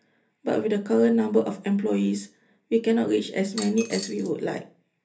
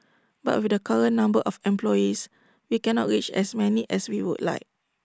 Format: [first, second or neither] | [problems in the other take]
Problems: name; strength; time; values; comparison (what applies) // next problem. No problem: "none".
second | background sound (Coin (dropping)); 13 dB below the speech // room echo; dies away in 0.3 s